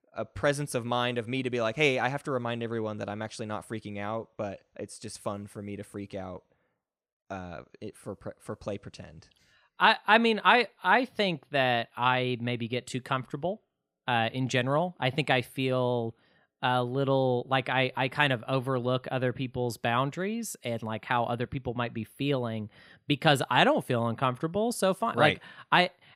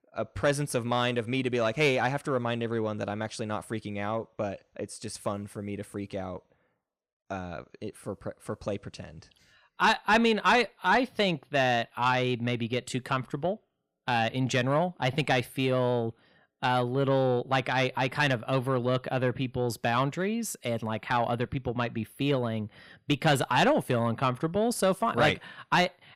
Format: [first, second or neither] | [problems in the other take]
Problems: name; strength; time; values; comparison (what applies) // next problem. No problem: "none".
first | distortion; slight; 10 dB below the speech